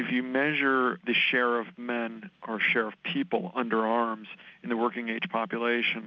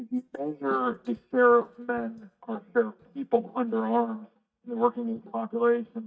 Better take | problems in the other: first | noise reduction (neural mask model DeepFilterNet 3)

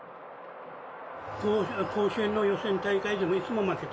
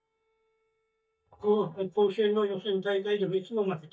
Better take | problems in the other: first | noise reduction (neural mask model DeepFilterNet 3)

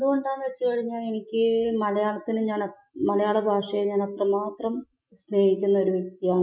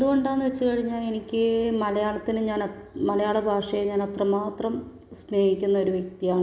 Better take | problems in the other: second | noise reduction (classical method Wiener filter)

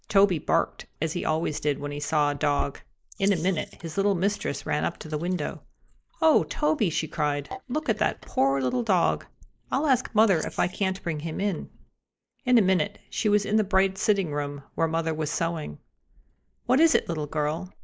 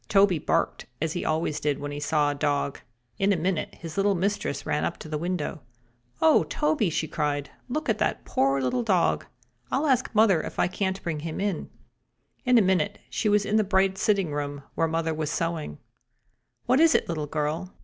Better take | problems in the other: second | noise reduction (neural mask model Resemble Enhance denoiser)

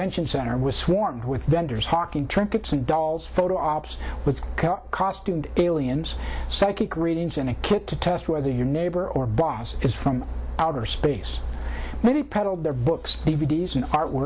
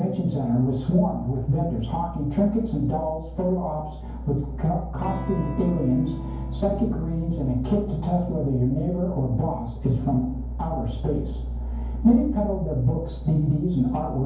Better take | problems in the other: first | background sound (Electric guitar / Strum); 16 dB below the speech // room echo; dies away in 0.9 s

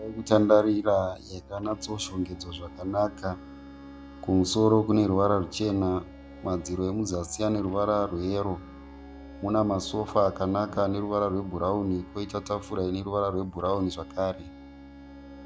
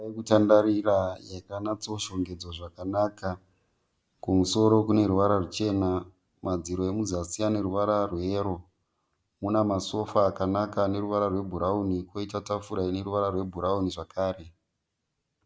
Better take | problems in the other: second | background sound (Bowed string instrument + Musical instrument); 18 dB below the speech

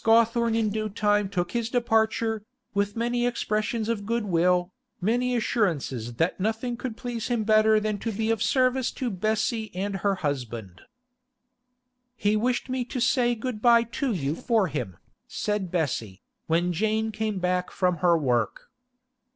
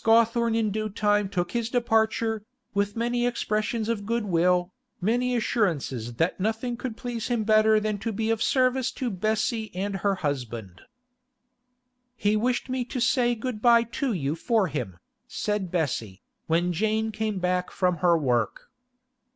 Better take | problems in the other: second | noise reduction (neural separator model SepFormer DNS4)

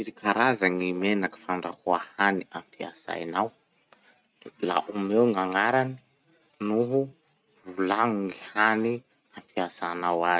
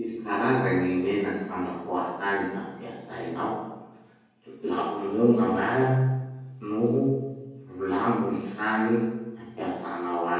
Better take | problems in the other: first | room echo; dies away in 1.3 s

